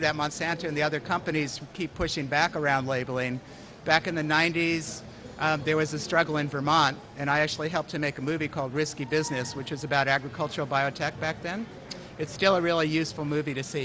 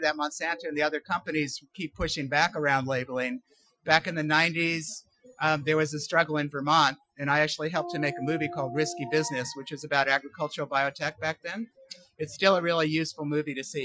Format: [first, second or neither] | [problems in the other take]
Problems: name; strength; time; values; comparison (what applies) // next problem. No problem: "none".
first | noise reduction (classical method Wiener filter)